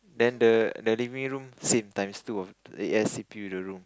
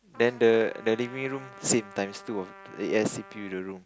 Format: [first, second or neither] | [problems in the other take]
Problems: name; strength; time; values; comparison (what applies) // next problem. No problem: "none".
first | background sound (Trumpet); 20 dB below the speech